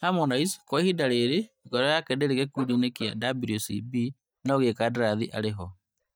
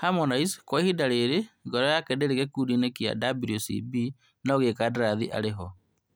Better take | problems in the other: second | noise reduction (neural mask model DeepFilterNet 3)

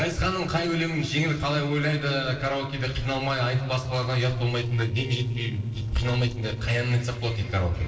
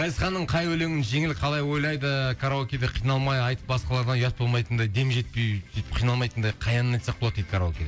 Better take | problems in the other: second | noise reduction (neural separator model SepFormer DNS4)

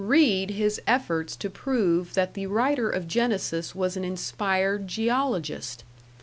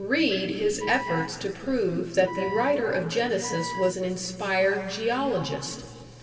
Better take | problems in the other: first | background sound (Wind instrument, woodwind instrument); 10 dB below the speech // room echo; dies away in 2.7 s

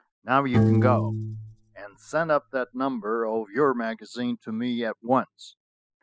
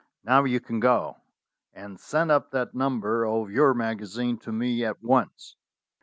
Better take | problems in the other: second | noise reduction (classical method spectral subtraction)

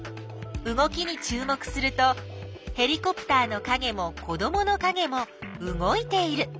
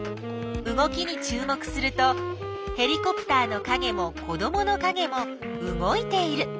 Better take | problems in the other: first | background sound (Wind instrument, woodwind instrument); 7 dB below the speech

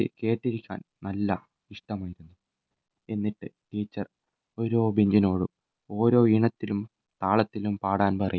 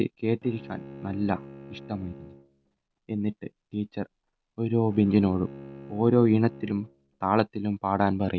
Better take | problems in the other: first | background sound (Bowed string instrument); 19 dB below the speech

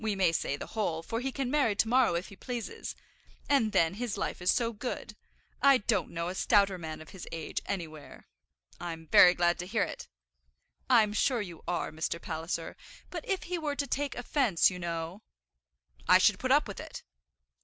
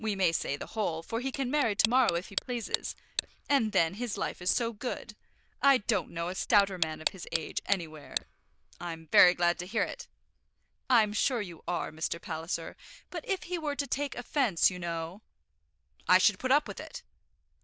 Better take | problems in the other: first | noise reduction (neural diffusion model UNIVERSE++)

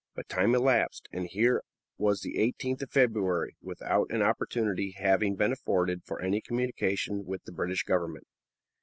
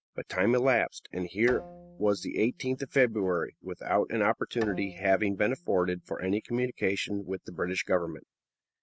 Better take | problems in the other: first | noise reduction (neural mask model RNNoise)

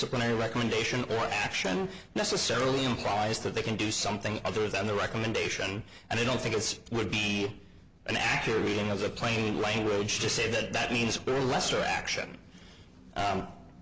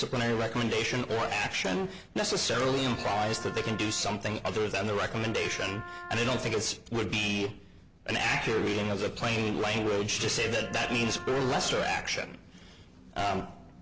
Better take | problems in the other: first | background sound (Wind instrument, woodwind instrument); 14 dB below the speech

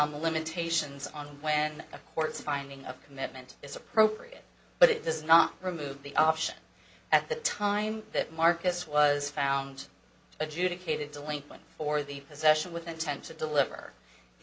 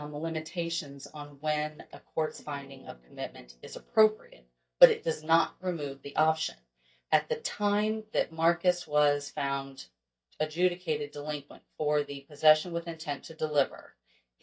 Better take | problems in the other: first | noise reduction (neural mask model DeepFilterNet 3)

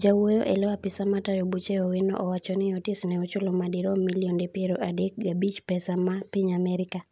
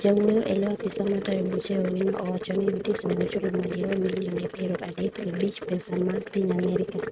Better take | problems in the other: first | noise reduction (neural mask model RNNoise)

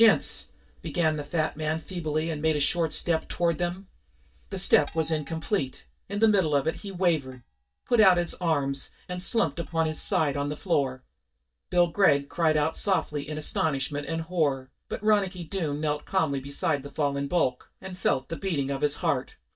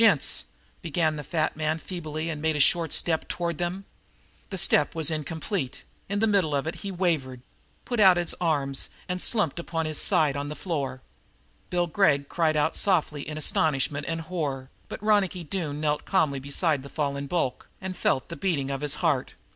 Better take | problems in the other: second | noise reduction (neural mask model DeepFilterNet 3)

